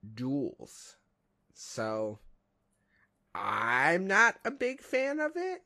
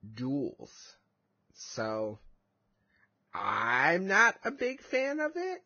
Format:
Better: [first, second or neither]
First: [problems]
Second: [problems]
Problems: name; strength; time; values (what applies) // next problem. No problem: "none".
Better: first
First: garbled, watery; slightly; nothing above 12.5 kHz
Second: garbled, watery; badly; nothing above 6.5 kHz